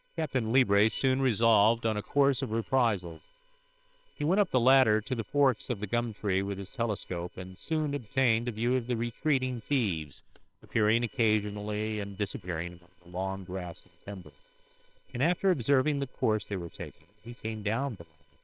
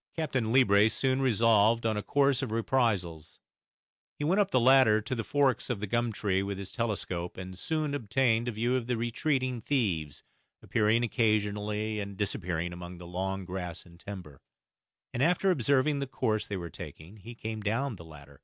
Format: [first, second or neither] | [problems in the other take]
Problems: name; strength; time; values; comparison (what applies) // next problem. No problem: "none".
second | noise reduction (neural separator model SepFormer WHAM!)